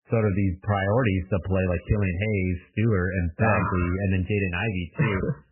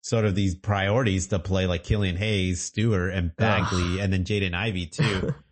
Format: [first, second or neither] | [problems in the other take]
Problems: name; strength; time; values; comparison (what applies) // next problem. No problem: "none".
second | garbled, watery; badly; nothing above 3 kHz; slightly in the second